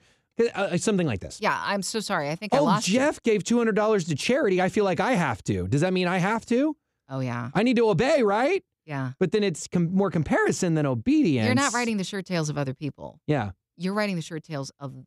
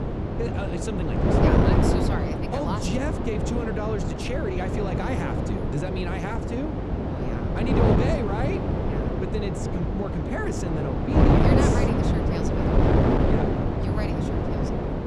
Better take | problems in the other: first | wind noise on the microphone; heavy; 4 dB above the speech

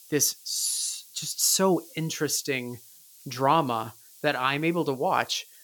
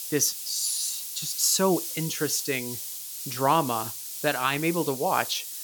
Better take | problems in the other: first | hiss; loud; throughout; 7 dB below the speech; faint in the first

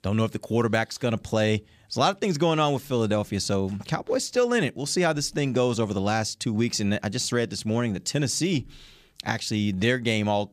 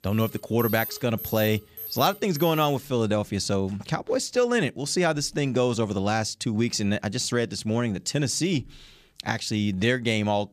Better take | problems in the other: first | alarm; noticeable; until 2.5 s; peak 7 dB below the speech

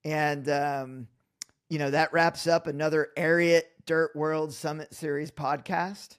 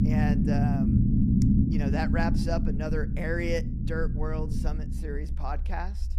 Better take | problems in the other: first | low rumble; loud; throughout; 1 dB below the speech

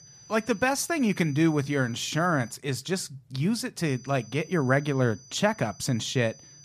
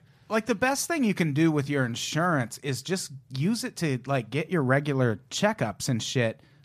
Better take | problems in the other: second | high-pitched whine; faint; until 2.5 s and from 4 s on; 6 kHz, 20 dB below the speech

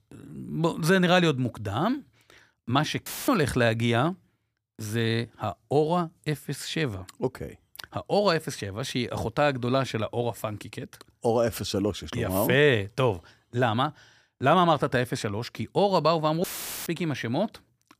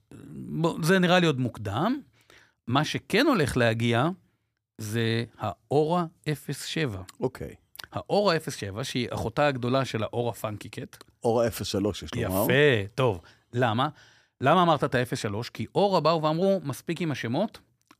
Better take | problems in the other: second | audio cutting out; filled with static; at 3 s and at 16 s

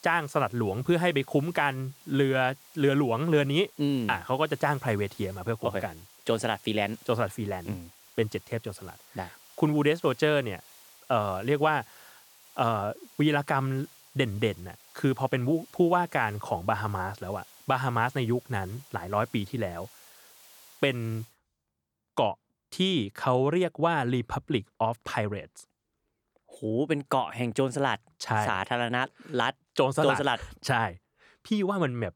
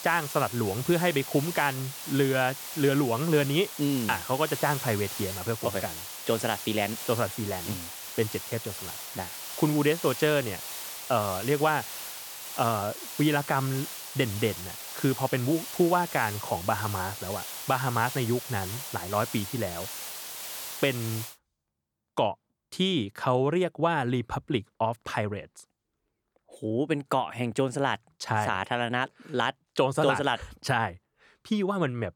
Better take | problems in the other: first | hiss; loud; until 21 s; 8 dB below the speech; faint in the first

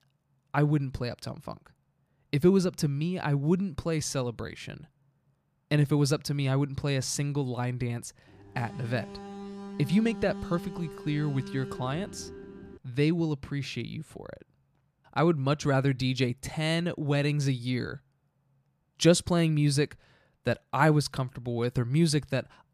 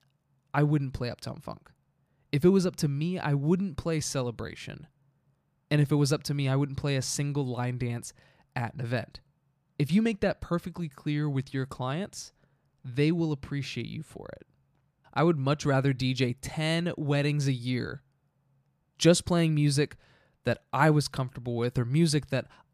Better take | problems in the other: second | alarm; faint; from 8.5 to 13 s; peak 10 dB below the speech

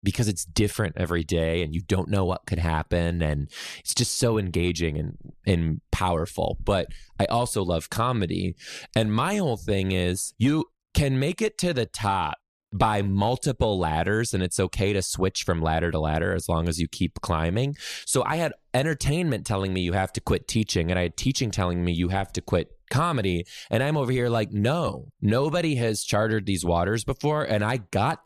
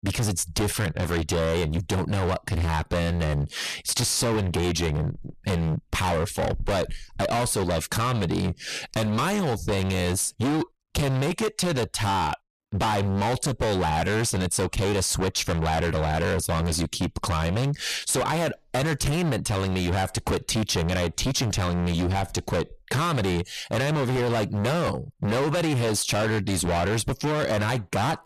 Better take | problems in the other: first | distortion; heavy; 33% of the sound clipped

